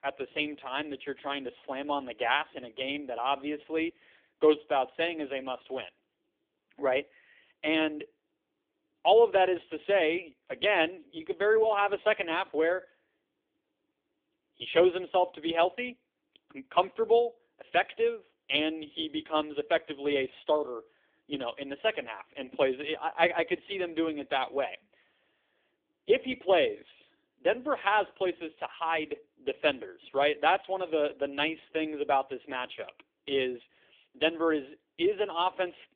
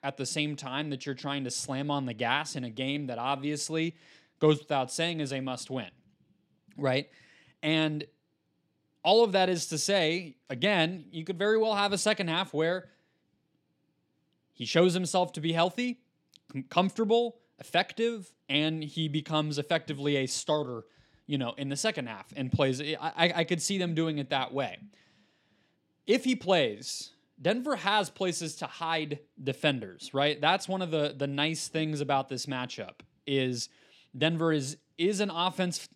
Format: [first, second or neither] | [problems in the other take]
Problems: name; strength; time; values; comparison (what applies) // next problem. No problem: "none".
second | phone-call audio; poor line; nothing above 3.5 kHz